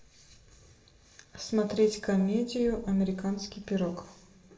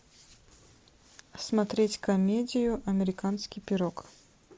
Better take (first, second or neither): second